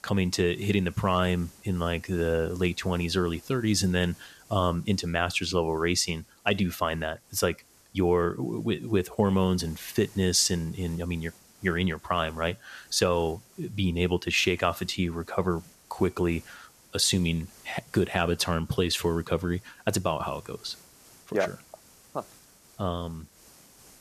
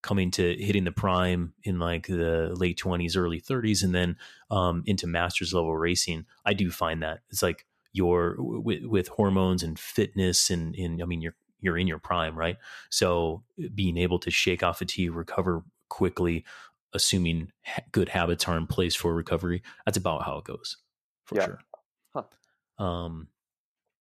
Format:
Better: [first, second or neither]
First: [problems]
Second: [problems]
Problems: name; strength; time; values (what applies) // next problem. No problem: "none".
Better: second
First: hiss; faint; throughout; 25 dB below the speech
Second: none